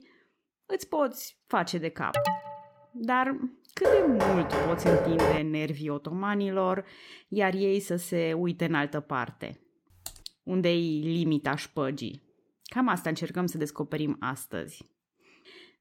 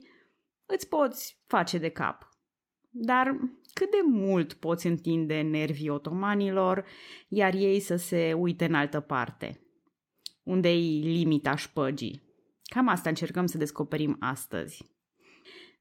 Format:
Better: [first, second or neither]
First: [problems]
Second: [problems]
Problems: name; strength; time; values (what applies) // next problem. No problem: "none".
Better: second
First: alarm; loud; at 2 s; peak 1 dB above the speech // door banging; loud; from 4 to 5.5 s; peak 5 dB above the speech // keyboard typing; faint; at 10 s; peak 15 dB below the speech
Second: none